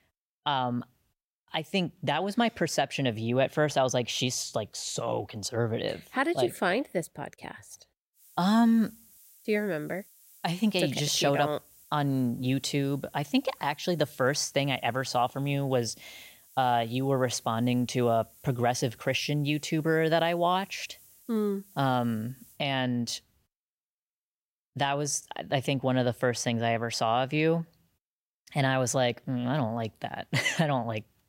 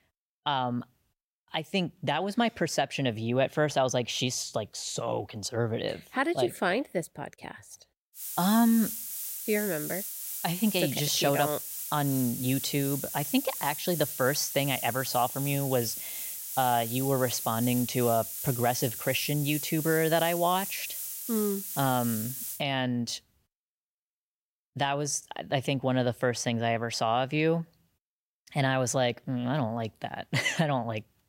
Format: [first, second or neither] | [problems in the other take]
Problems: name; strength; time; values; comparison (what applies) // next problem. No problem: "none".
first | hiss; loud; from 8 to 23 s; 5 dB below the speech; faint in the first